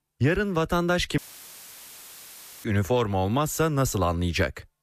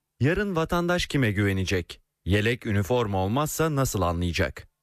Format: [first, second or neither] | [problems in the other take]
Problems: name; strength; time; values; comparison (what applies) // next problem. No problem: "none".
second | audio cutting out; filled with static; at 1 s for 1.5 s